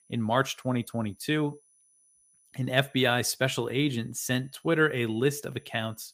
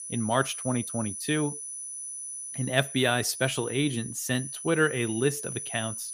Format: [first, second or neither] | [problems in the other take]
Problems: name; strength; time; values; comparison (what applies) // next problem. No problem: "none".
first | high-pitched whine; loud; throughout; 10 kHz, 7 dB below the speech; faint in the first